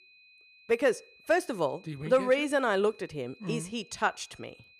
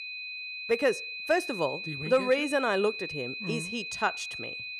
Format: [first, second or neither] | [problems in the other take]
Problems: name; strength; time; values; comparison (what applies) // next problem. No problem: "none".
first | high-pitched whine; loud; throughout; 2.5 kHz, 6 dB below the speech; faint in the first